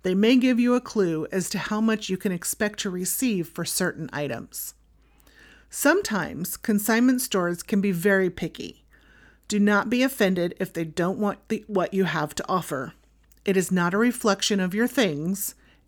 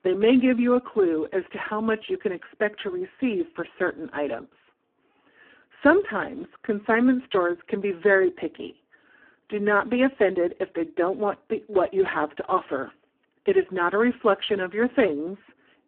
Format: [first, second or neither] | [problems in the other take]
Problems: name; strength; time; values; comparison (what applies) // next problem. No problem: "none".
first | phone-call audio; poor line